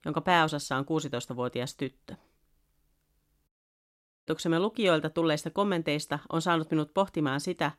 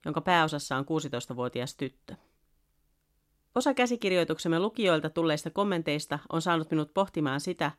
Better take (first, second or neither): second